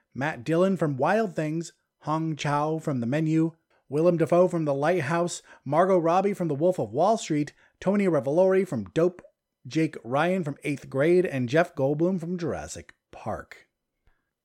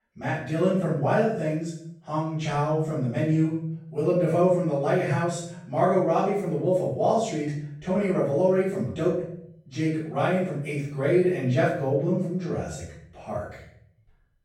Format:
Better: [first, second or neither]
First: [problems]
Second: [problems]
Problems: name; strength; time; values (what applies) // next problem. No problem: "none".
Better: first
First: none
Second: room echo; noticeable; dies away in 0.7 s // off-mic speech; far